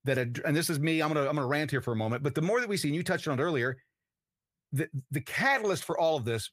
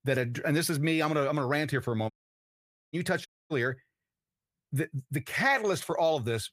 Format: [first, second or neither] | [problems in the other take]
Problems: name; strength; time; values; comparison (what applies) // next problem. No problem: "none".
first | audio cutting out; at 2 s for 1 s and at 3.5 s